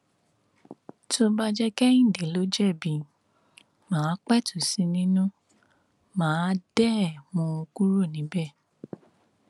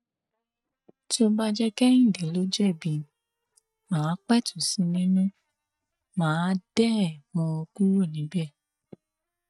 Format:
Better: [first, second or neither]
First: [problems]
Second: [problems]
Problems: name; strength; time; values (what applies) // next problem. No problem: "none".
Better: first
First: none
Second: noise reduction (neural mask model DeepFilterNet 3)